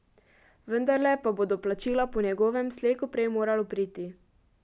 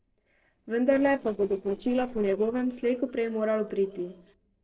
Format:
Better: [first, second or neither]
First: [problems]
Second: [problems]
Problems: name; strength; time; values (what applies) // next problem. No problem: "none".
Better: first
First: none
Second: noise reduction (neural separator model SepFormer DNS4)